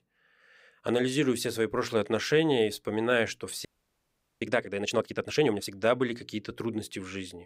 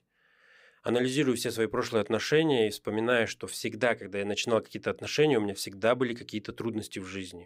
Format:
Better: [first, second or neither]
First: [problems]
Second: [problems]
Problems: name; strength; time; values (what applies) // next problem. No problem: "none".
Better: second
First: audio freezing; at 3.5 s for 1 s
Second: none